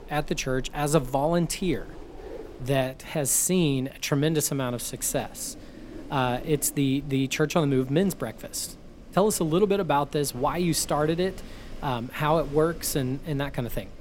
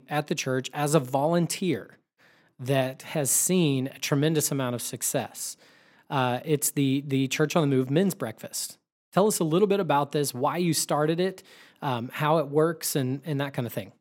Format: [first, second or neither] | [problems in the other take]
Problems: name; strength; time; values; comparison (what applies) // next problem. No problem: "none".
second | wind noise on the microphone; occasional gusts; 20 dB below the speech